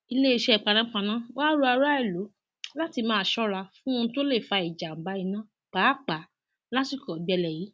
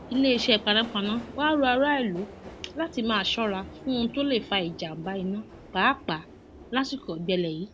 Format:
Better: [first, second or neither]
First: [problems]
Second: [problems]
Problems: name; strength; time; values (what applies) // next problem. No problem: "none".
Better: first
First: none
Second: background sound (Subway, metro, underground); 16 dB below the speech